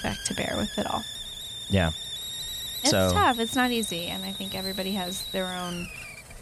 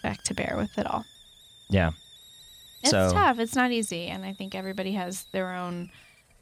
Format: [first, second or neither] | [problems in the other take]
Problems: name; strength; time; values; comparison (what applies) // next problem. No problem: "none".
second | hiss; loud; throughout; 5 dB below the speech; faint in the second